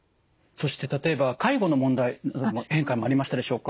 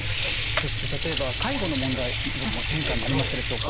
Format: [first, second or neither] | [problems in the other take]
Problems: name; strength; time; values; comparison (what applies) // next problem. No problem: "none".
first | background sound (Sink (filling or washing) / Water); 4 dB above the speech